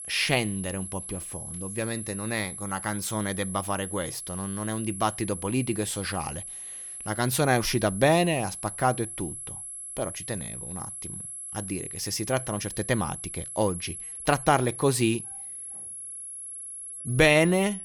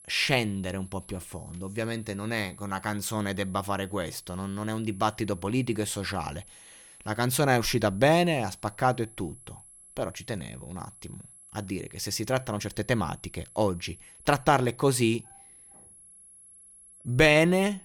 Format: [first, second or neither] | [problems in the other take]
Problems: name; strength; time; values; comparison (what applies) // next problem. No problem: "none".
second | high-pitched whine; loud; throughout; 11 kHz, 8 dB below the speech; faint in the second